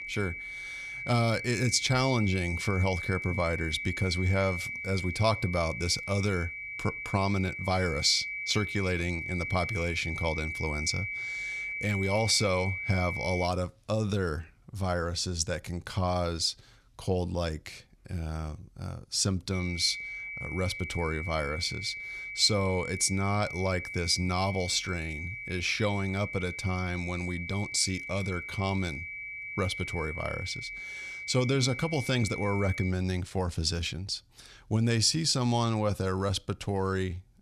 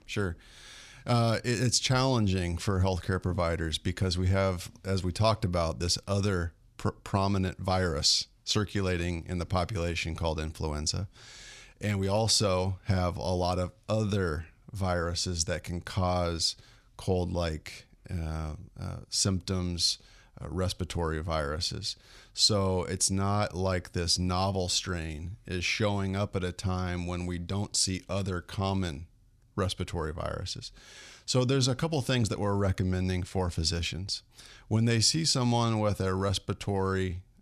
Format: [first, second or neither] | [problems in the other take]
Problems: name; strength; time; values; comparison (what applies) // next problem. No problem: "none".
second | high-pitched whine; loud; until 13 s and from 20 to 33 s; 2.5 kHz, 6 dB below the speech